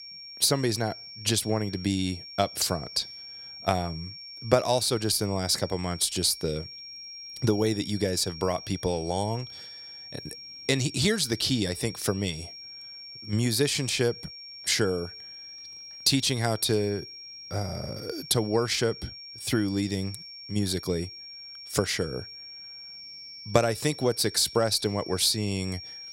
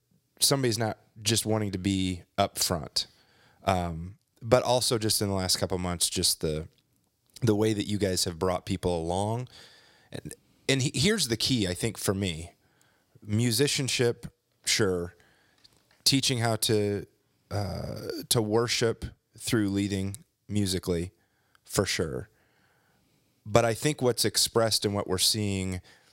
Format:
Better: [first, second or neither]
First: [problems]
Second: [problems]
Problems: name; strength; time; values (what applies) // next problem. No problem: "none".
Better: second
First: high-pitched whine; noticeable; throughout; 5.5 kHz, 15 dB below the speech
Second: none